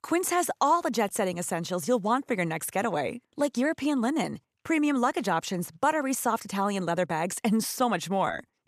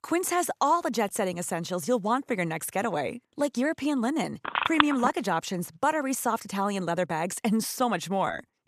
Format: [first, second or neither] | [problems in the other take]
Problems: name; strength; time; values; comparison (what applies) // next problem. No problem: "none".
first | phone ringing; loud; at 4.5 s; peak 3 dB above the speech